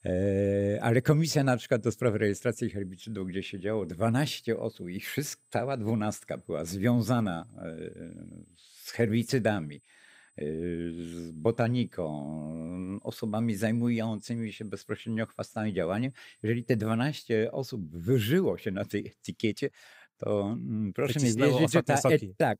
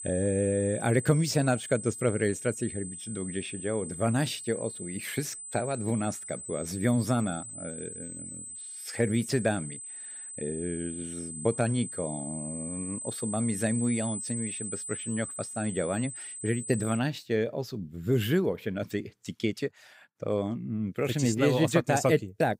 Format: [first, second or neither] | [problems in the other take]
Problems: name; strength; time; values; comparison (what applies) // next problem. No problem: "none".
first | high-pitched whine; loud; until 17 s; 8 kHz, 8 dB below the speech; faint in the first